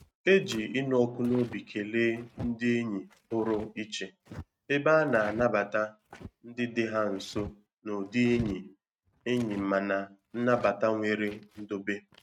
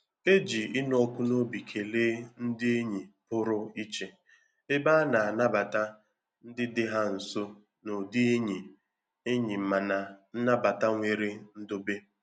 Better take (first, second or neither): second